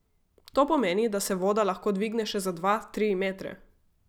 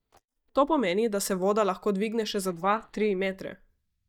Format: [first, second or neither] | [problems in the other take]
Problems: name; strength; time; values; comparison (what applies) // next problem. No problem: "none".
first | noise reduction (neural mask model DeepFilterNet 3)